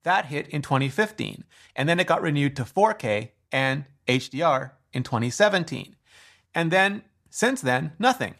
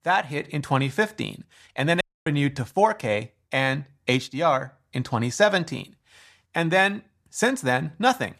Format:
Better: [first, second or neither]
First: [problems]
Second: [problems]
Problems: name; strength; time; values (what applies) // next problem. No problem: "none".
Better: first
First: none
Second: audio cutting out; at 2 s